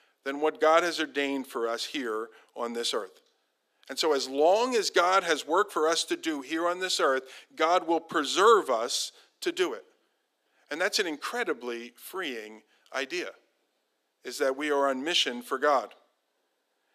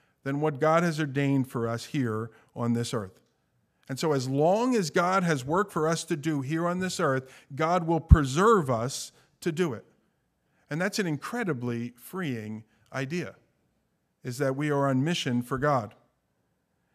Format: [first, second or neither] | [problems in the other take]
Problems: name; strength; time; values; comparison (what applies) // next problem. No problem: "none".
second | thin; somewhat; fading below 300 Hz